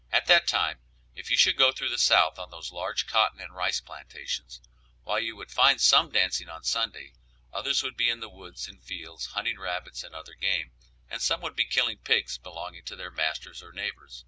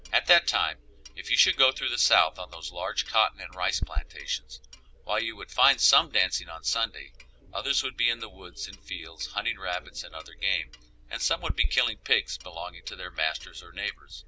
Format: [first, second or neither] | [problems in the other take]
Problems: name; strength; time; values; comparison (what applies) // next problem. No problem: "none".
first | background sound (Clock); 10 dB below the speech